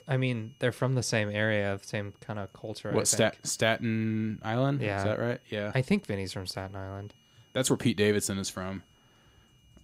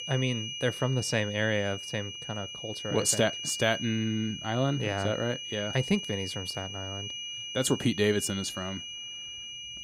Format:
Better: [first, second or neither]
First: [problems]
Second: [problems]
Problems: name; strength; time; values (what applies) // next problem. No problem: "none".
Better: first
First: high-pitched whine; faint; throughout; 3 kHz, 35 dB below the speech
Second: high-pitched whine; loud; throughout; 3 kHz, 7 dB below the speech